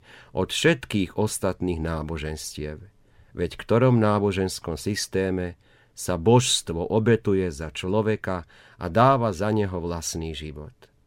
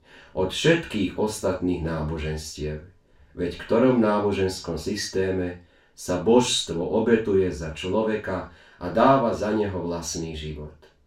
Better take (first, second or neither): first